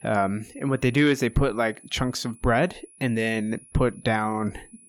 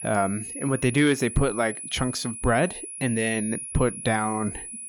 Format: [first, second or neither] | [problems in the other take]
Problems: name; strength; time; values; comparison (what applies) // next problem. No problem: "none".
first | high-pitched whine; loud; throughout; 10 kHz, 8 dB below the speech; faint in the first